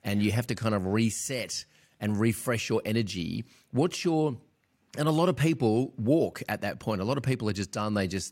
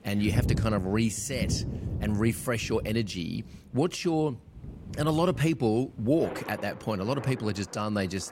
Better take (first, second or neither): first